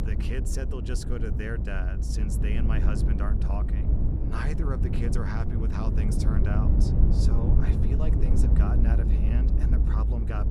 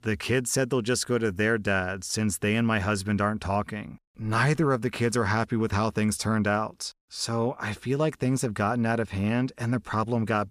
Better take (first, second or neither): second